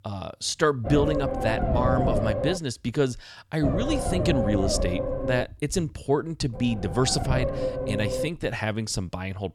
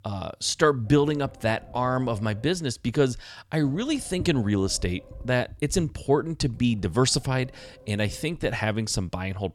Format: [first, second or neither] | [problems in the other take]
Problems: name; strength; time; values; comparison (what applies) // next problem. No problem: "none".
second | low rumble; loud; from 1 to 2.5 s, from 3.5 to 5.5 s and from 6.5 to 8.5 s; 1 dB below the speech; faint in the second